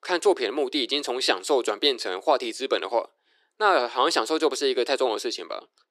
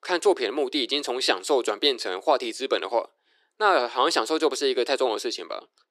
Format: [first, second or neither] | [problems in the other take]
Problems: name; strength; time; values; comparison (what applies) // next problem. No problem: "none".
neither | thin; somewhat; fading below 350 Hz; the same in both